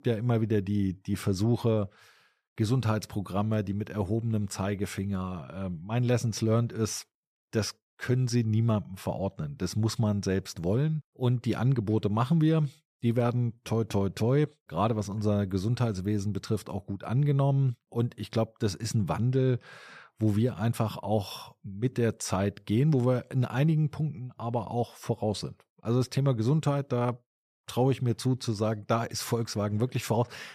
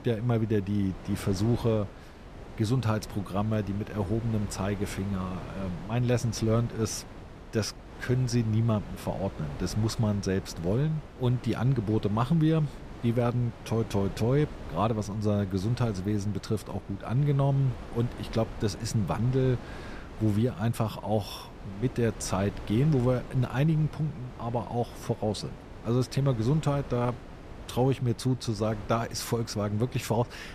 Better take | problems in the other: first | wind noise on the microphone; occasional gusts; 15 dB below the speech

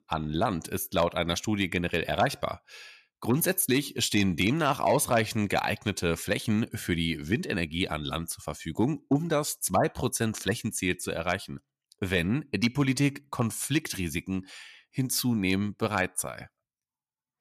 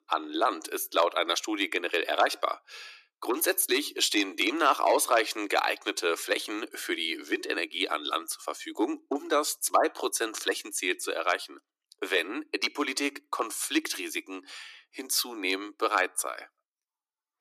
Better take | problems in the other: first | thin; very; fading below 300 Hz

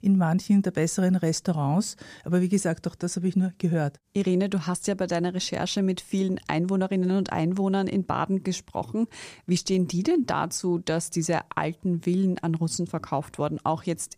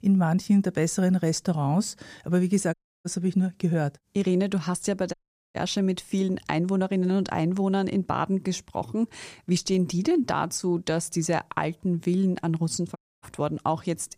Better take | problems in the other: first | audio cutting out; at 2.5 s, at 5 s and at 13 s

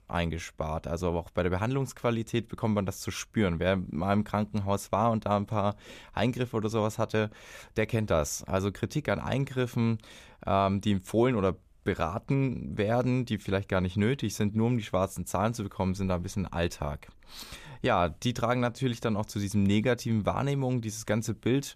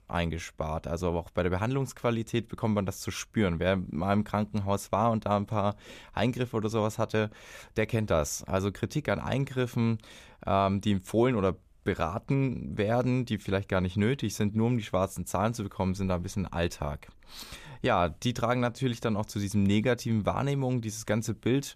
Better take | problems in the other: neither | none

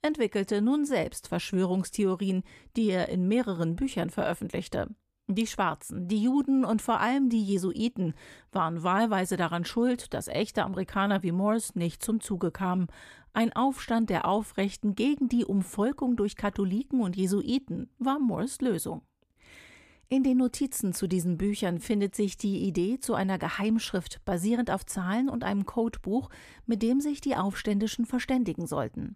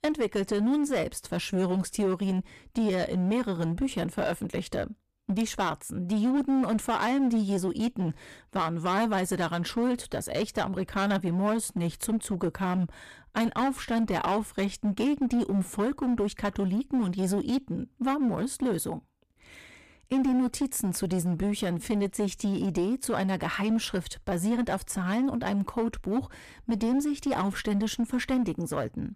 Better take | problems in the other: first | distortion; slight; 11% of the sound clipped

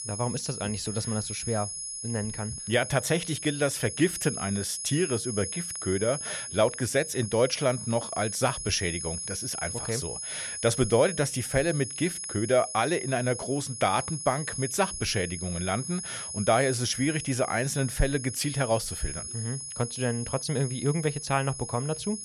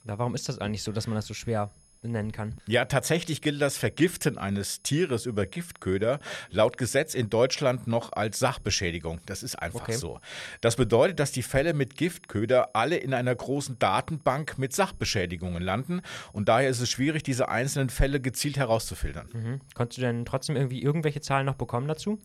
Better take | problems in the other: second | high-pitched whine; loud; throughout; 10 kHz, 6 dB below the speech; faint in the second

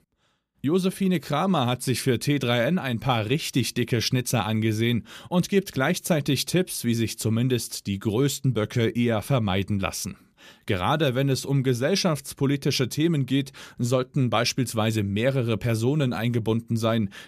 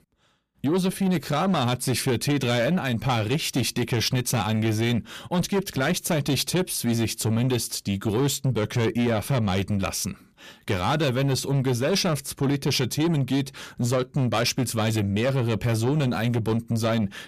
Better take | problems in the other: first | distortion; slight; 10 dB below the speech

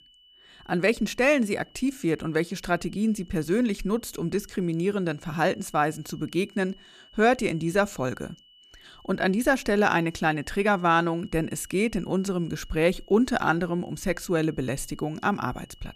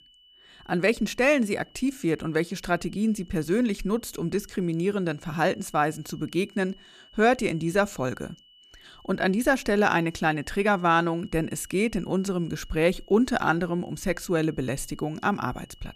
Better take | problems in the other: neither | high-pitched whine; faint; throughout; 3 kHz, 30 dB below the speech; the same in both

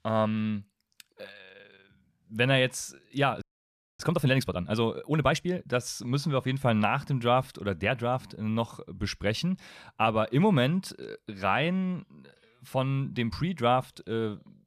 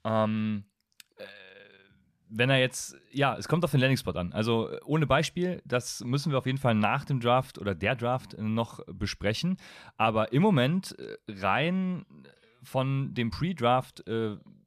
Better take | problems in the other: second | audio freezing; at 3.5 s for 0.5 s

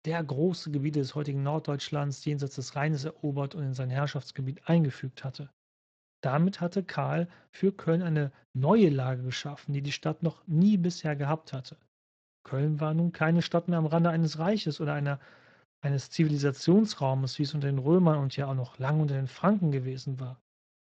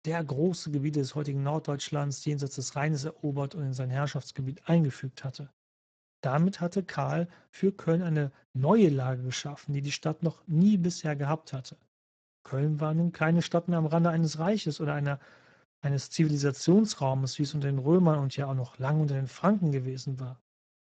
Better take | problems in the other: first | garbled, watery; badly; nothing above 7.5 kHz; slightly in the first

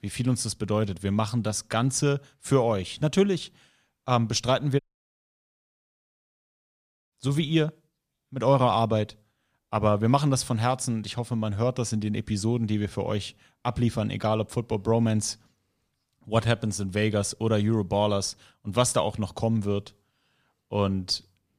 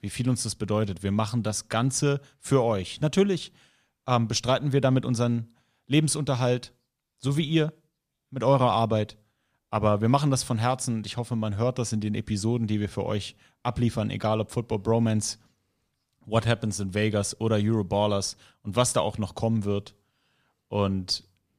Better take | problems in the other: second | audio cutting out; at 5 s for 2.5 s

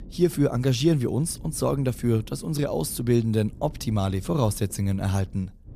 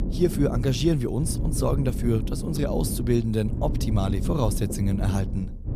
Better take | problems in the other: first | low rumble; loud; throughout; 9 dB below the speech; faint in the first

